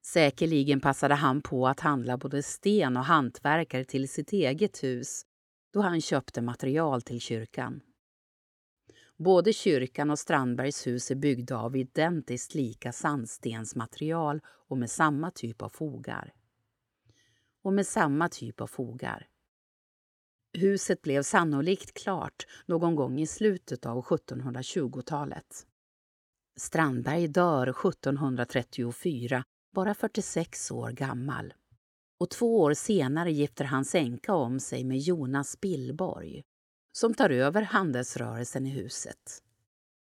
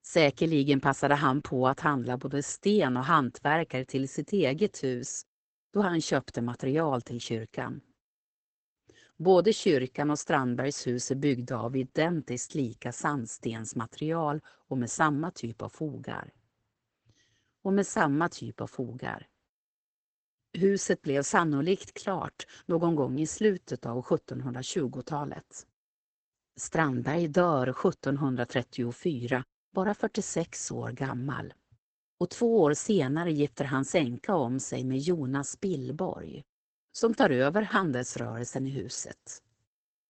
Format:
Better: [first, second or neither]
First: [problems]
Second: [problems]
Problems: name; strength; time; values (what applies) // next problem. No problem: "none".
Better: first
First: none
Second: garbled, watery; badly; nothing above 8 kHz